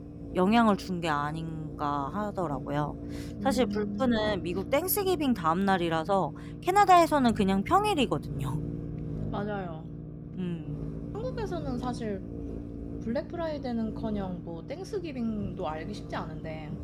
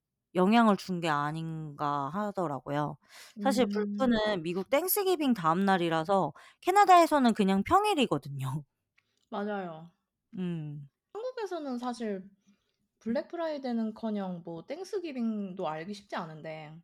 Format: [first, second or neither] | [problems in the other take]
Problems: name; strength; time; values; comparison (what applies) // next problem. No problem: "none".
second | low rumble; noticeable; throughout; 15 dB below the speech